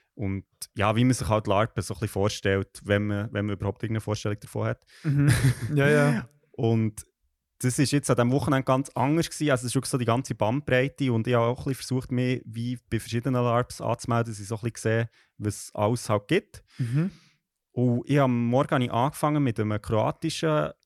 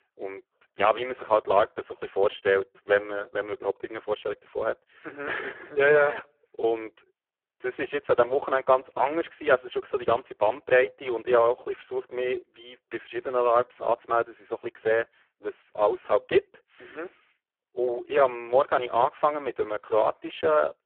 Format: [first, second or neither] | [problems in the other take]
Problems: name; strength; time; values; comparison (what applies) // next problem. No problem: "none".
first | phone-call audio; poor line